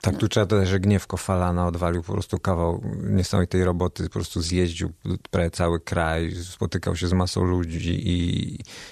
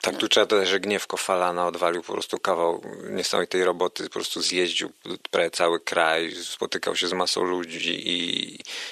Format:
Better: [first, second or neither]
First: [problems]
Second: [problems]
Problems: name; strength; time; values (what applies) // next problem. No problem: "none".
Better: first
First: none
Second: thin; very; fading below 350 Hz